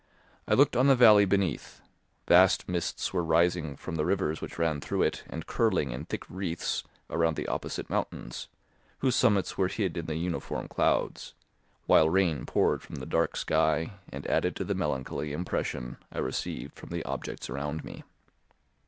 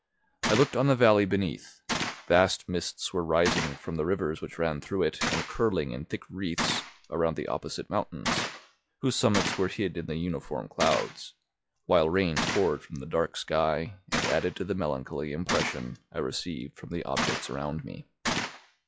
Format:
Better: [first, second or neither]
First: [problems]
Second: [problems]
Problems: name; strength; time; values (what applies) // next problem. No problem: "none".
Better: first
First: none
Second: noise reduction (classical method log-MMSE)